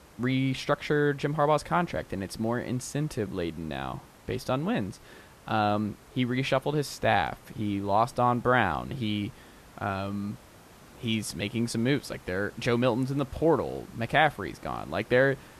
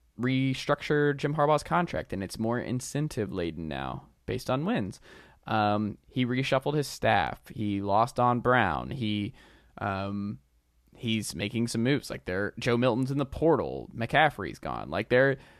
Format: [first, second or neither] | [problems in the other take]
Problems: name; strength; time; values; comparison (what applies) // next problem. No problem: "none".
second | hiss; faint; throughout; 25 dB below the speech